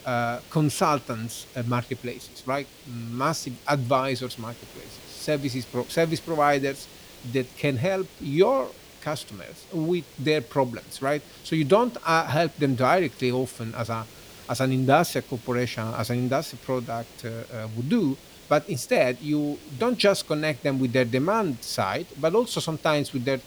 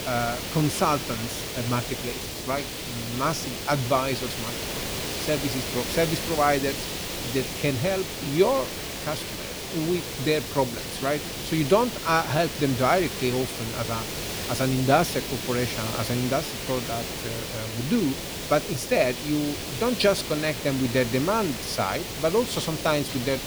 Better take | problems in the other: first | hiss; loud; throughout; 5 dB below the speech; faint in the first

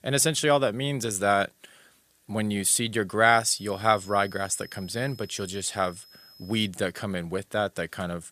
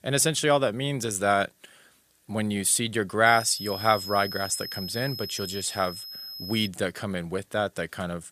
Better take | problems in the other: first | high-pitched whine; loud; from 3.5 to 6.5 s; 5 kHz, 9 dB below the speech; faint in the first

